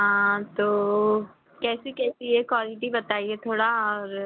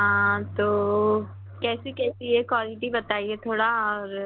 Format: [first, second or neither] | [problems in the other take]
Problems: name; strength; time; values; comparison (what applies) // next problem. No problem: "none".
first | background sound (Keyboard (musical)); 16 dB below the speech